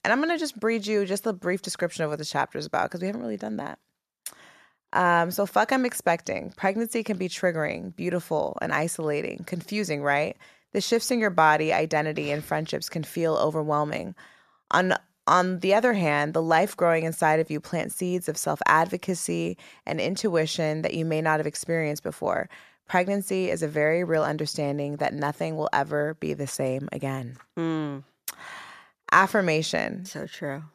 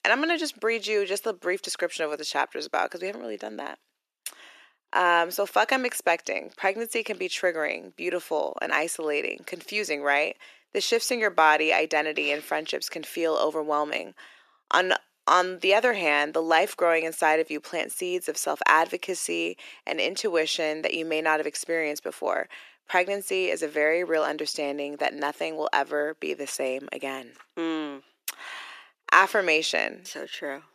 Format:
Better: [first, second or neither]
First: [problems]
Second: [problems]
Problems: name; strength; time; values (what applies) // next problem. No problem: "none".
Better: first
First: none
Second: thin; somewhat; fading below 300 Hz